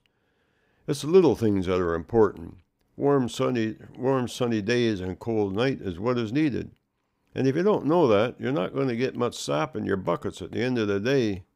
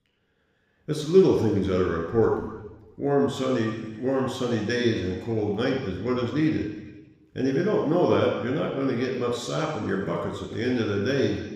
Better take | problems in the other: first | room echo; noticeable; dies away in 1.1 s // off-mic speech; somewhat distant

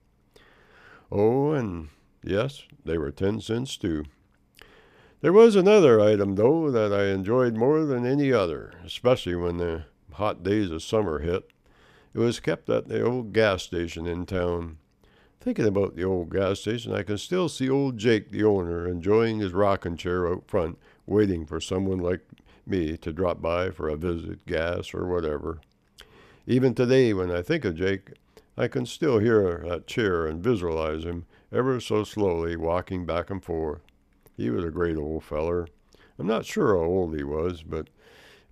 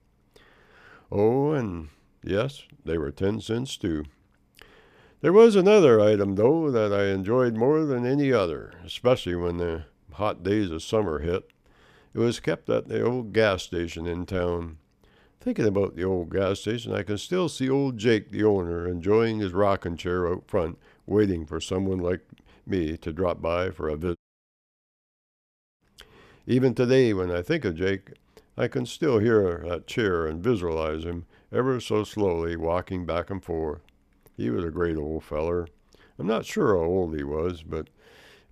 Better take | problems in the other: first | audio cutting out; at 24 s for 1.5 s

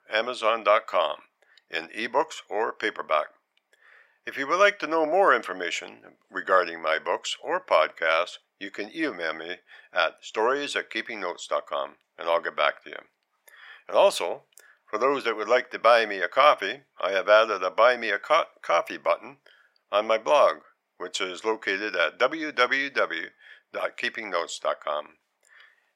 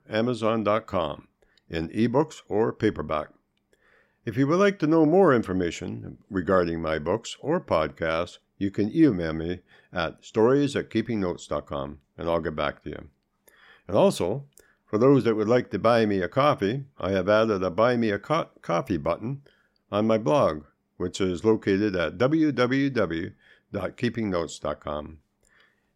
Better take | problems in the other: second | thin; very; fading below 750 Hz

